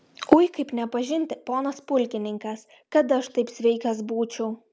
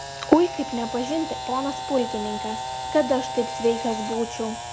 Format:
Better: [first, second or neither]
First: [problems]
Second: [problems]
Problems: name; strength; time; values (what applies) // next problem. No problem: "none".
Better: first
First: none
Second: background sound (Camera); 7 dB below the speech